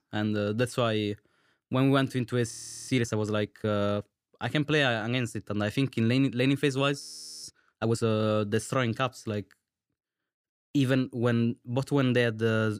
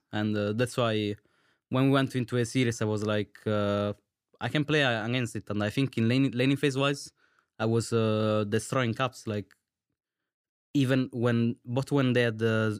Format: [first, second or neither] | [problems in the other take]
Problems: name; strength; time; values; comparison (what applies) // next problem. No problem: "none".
second | audio freezing; at 2.5 s and at 7 s